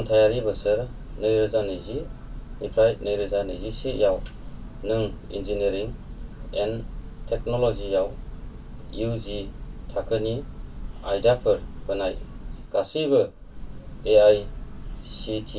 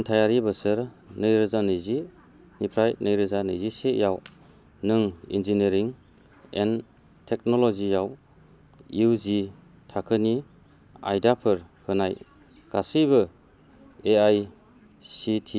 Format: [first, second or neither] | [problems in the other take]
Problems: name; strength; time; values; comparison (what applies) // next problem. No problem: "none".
second | background sound (Church bell); 10 dB below the speech // room echo; dies away in 0.2 s